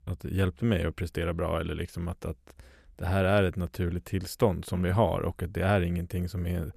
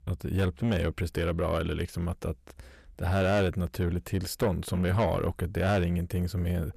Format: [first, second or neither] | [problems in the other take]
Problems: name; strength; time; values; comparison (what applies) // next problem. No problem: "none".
first | distortion; slight; 10 dB below the speech